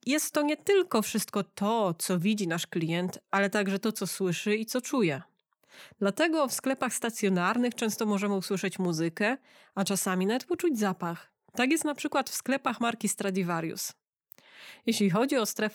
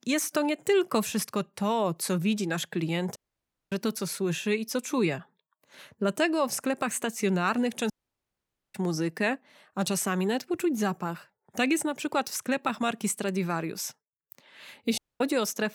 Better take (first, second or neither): first